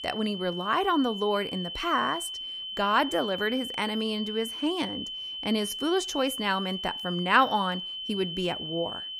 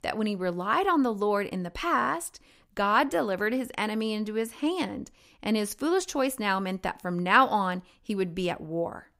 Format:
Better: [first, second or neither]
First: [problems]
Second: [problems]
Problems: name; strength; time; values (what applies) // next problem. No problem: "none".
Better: second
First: high-pitched whine; loud; throughout; 3 kHz, 6 dB below the speech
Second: none